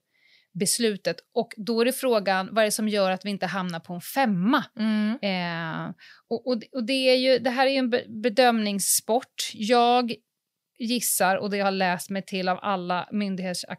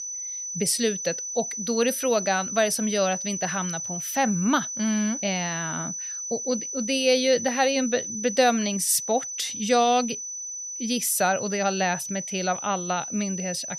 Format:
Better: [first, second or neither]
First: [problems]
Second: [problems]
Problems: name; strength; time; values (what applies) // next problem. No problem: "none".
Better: first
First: none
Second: high-pitched whine; loud; throughout; 6 kHz, 5 dB below the speech